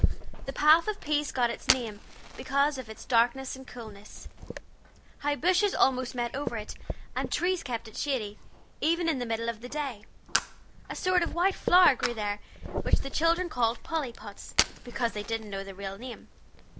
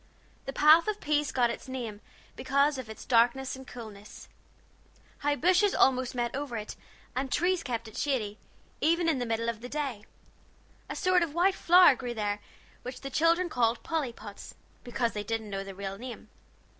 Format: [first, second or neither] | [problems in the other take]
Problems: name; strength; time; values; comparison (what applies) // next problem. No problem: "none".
second | background sound (Fire); 4 dB below the speech